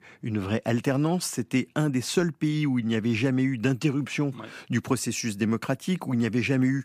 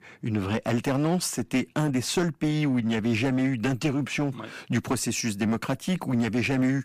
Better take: first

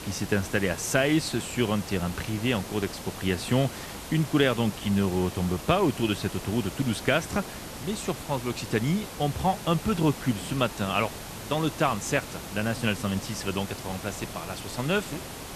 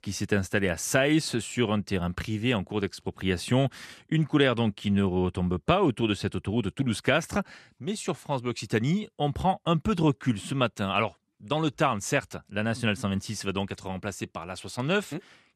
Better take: second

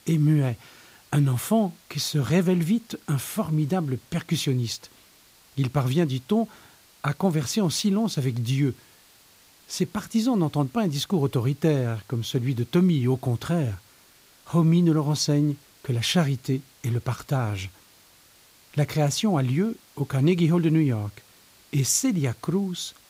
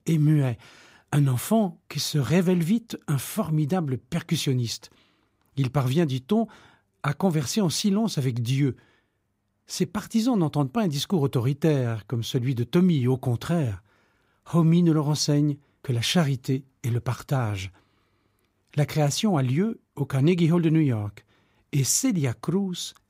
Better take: second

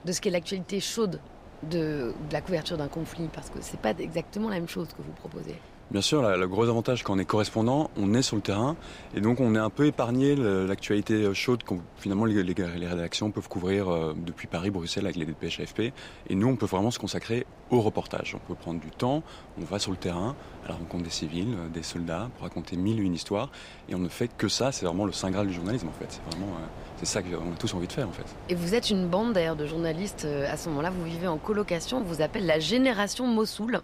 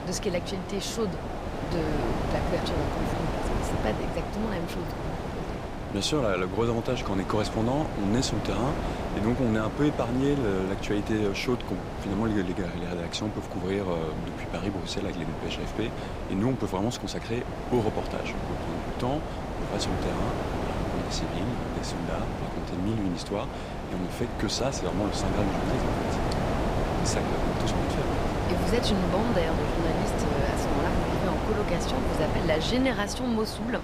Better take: first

